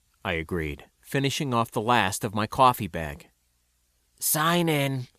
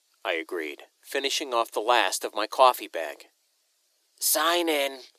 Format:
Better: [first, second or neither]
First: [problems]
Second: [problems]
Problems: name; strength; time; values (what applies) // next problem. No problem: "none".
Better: first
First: none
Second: thin; very; fading below 300 Hz